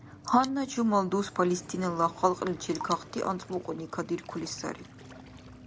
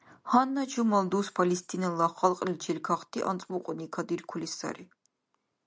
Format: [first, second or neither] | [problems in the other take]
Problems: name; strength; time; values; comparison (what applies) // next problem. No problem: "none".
second | background sound (Waves, surf + Drip); 16 dB below the speech